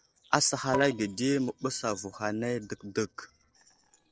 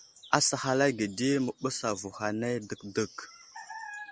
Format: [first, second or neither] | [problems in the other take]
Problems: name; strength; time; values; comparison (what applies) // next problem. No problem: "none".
second | noise reduction (neural separator model SepFormer DNS4)